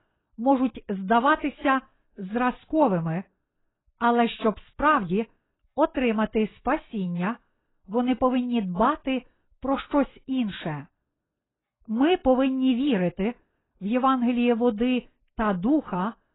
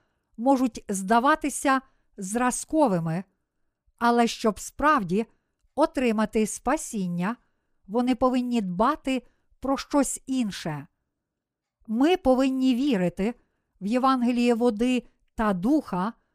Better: second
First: garbled, watery; badly; nothing above 4 kHz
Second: none

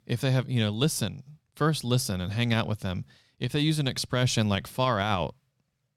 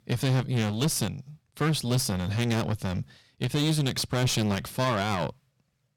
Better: first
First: none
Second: distortion; heavy; 16% of the sound clipped

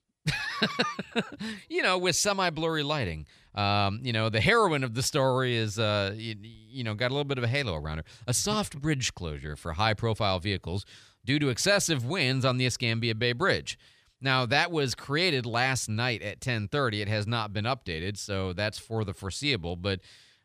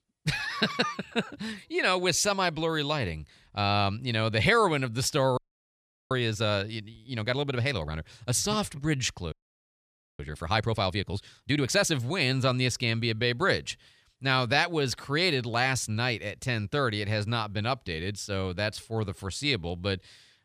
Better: first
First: none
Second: audio freezing; at 5.5 s for 0.5 s and at 9.5 s for 1 s

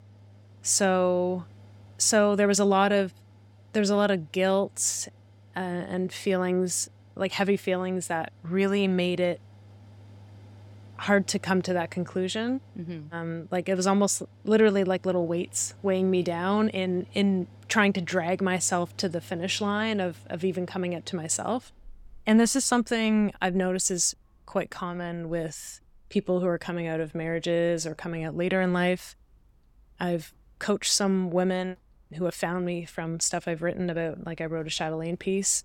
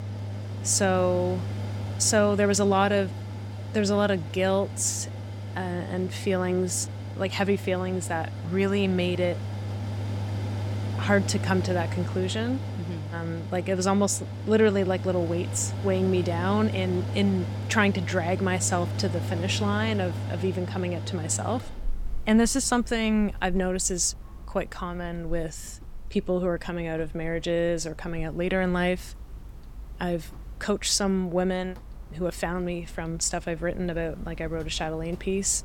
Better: first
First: machinery noise; faint; throughout; 25 dB below the speech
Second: machinery noise; loud; throughout; 8 dB below the speech

